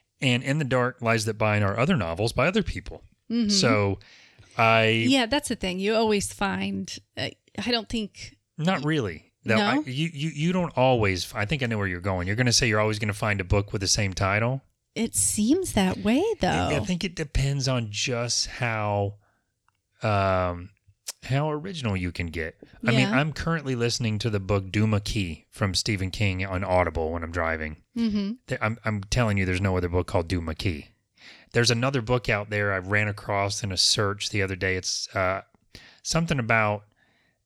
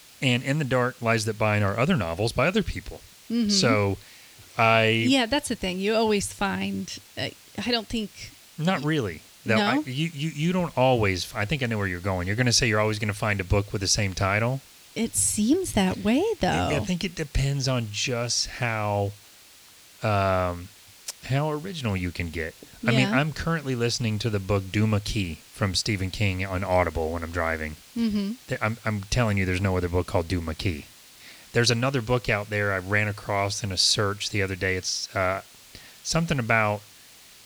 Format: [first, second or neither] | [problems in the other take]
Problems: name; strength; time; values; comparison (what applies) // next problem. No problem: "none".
first | hiss; faint; throughout; 25 dB below the speech